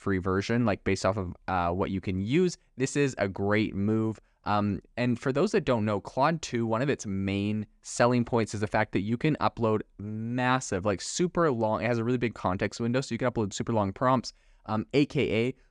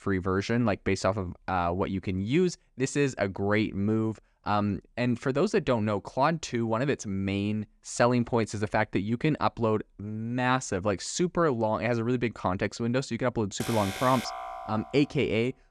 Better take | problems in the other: first | alarm; noticeable; from 14 s on; peak 7 dB below the speech

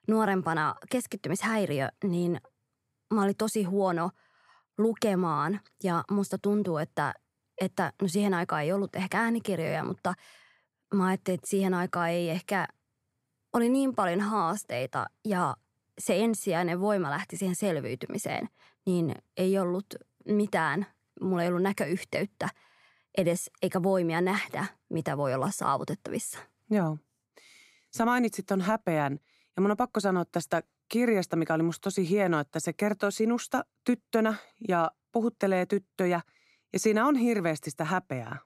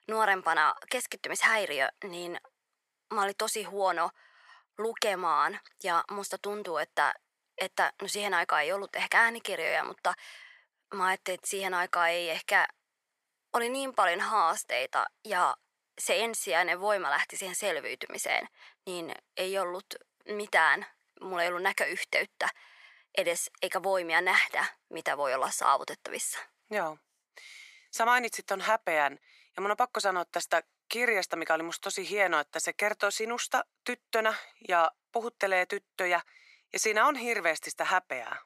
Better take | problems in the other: first | thin; very; fading below 750 Hz

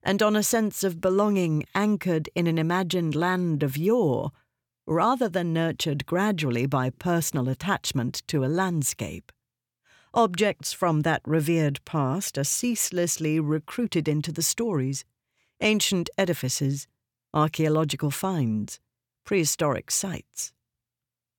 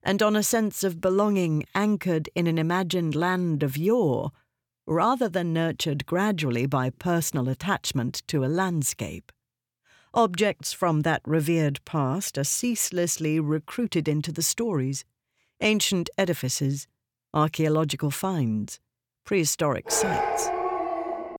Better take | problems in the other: first | dog barking; noticeable; from 20 s on; peak level with the speech

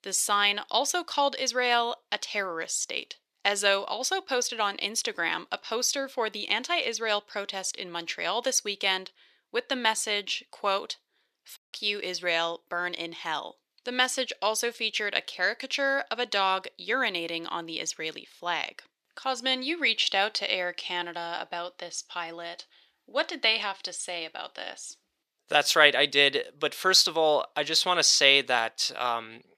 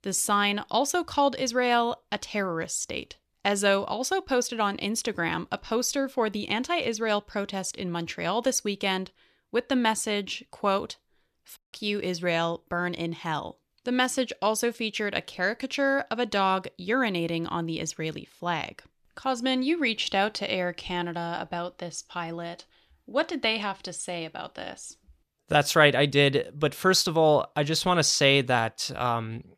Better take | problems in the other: second | thin; somewhat; fading below 400 Hz

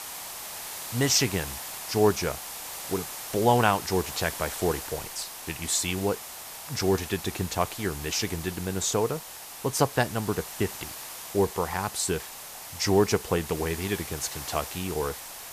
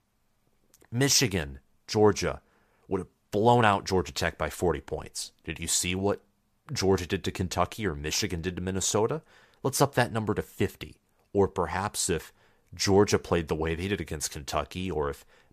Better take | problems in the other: second | hiss; loud; throughout; 9 dB below the speech

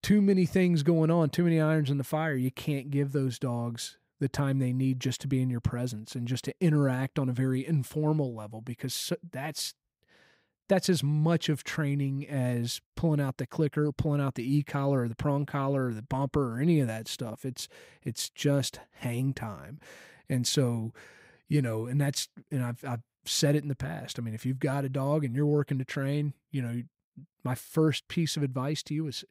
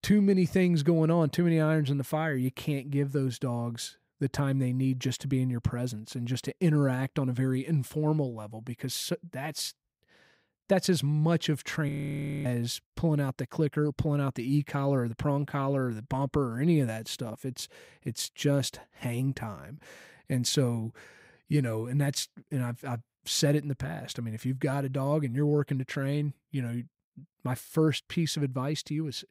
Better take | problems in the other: first | audio freezing; at 12 s for 0.5 s

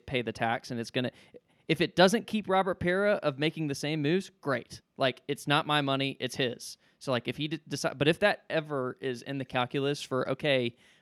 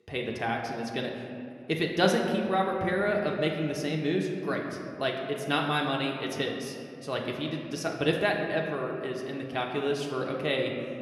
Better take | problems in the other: first | room echo; slight; dies away in 2 s // off-mic speech; somewhat distant

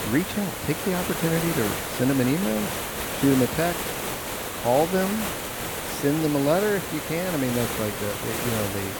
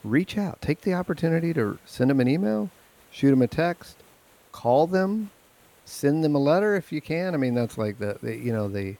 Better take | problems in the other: second | hiss; loud; throughout; 3 dB below the speech; faint in the second

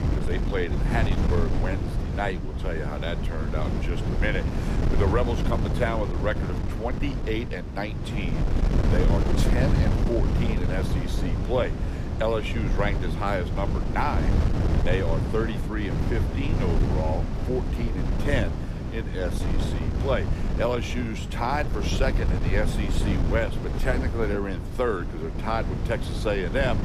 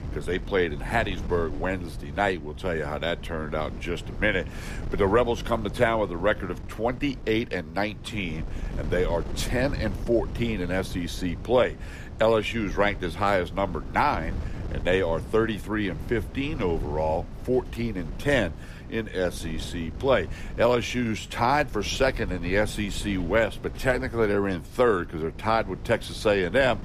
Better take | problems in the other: second | wind noise on the microphone; heavy; 5 dB below the speech; occasional gusts in the second

